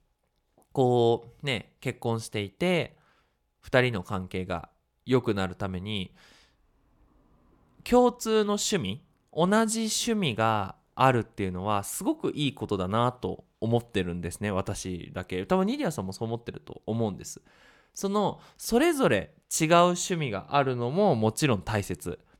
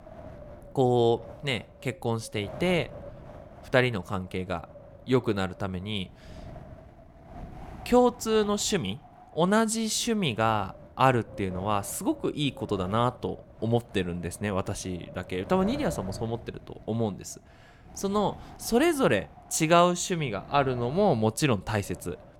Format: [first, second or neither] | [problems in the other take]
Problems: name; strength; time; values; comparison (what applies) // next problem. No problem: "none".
first | wind noise on the microphone; occasional gusts; 20 dB below the speech